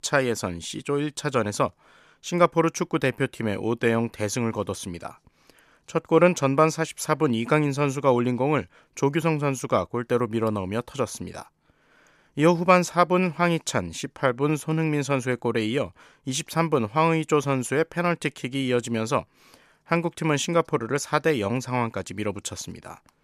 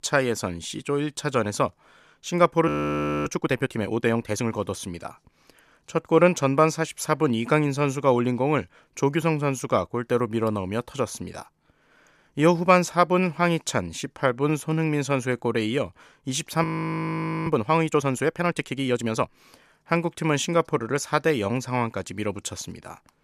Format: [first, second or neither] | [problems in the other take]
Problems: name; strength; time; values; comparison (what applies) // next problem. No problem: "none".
first | audio freezing; at 2.5 s for 0.5 s and at 17 s for 1 s